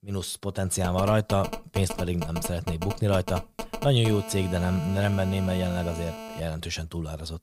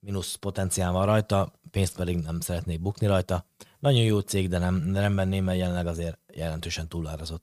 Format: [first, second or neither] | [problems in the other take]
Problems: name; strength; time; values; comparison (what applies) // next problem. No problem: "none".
second | phone ringing; noticeable; from 1 to 6.5 s; peak 9 dB below the speech